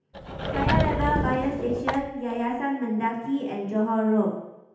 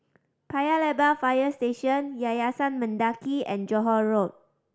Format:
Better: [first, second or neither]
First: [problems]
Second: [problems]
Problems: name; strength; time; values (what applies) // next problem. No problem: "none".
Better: second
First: background sound (Sliding door / Wood); 1 dB below the speech // room echo; dies away in 0.8 s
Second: none